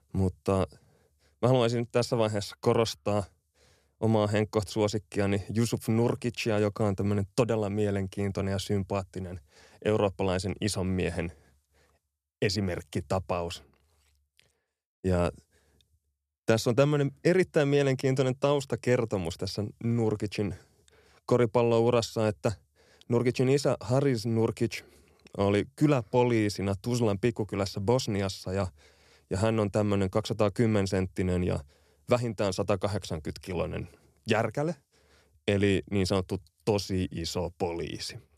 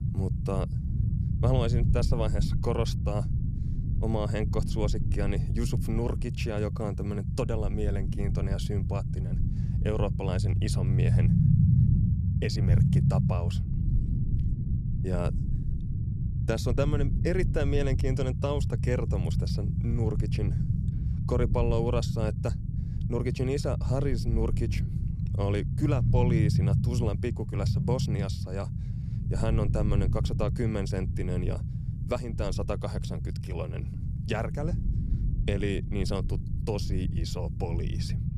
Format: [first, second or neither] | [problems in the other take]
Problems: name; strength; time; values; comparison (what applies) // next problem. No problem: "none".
first | low rumble; loud; throughout; 6 dB below the speech